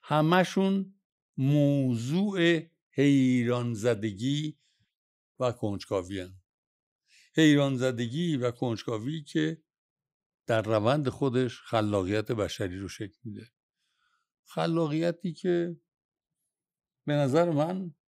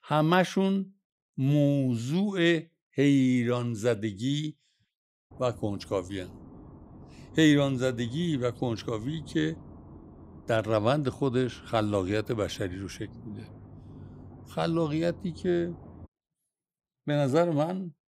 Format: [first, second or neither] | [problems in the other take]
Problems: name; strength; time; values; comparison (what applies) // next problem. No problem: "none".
first | low rumble; faint; from 5.5 to 16 s; 25 dB below the speech